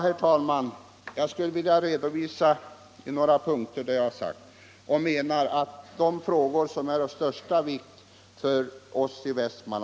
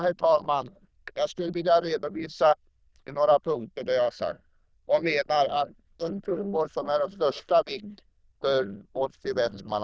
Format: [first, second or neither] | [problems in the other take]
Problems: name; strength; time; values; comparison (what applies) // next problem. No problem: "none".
first | noise reduction (neural diffusion model UNIVERSE++)